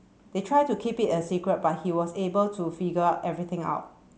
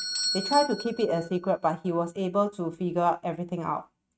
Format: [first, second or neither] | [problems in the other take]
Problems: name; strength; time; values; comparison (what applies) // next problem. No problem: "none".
first | noise reduction (neural mask model RNNoise)